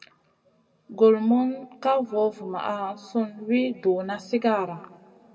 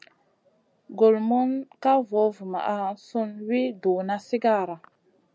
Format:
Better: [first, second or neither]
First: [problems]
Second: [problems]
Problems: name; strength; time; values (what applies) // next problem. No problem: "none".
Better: second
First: room echo; dies away in 1.5 s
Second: none